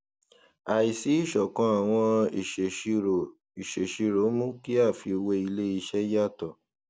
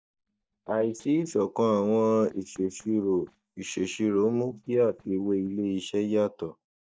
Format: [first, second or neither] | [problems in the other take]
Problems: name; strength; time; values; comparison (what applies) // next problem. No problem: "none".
first | noise reduction (neural mask model DeepFilterNet 3)